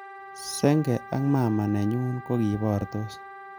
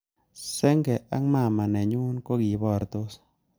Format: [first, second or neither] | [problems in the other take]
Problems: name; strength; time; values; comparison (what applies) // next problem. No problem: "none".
second | background sound (Wind instrument, woodwind instrument); 16 dB below the speech